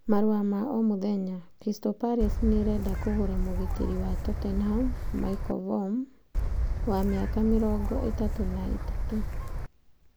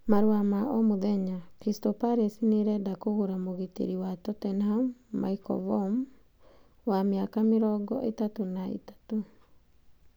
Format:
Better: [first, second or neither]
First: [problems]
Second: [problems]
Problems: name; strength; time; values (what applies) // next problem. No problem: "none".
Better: second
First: background sound (Gull, seagull / Wind); as loud as the speech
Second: none